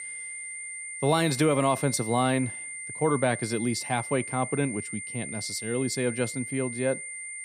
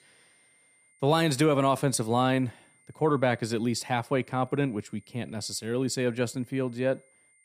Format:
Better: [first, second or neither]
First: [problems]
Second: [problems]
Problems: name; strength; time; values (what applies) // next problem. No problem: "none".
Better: second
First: high-pitched whine; loud; throughout; 2 kHz, 7 dB below the speech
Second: high-pitched whine; faint; throughout; 2 kHz, 35 dB below the speech